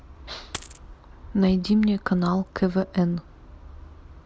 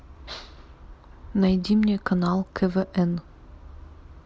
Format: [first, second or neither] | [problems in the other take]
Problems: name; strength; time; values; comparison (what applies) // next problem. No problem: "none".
second | background sound (Coin (dropping)); 14 dB below the speech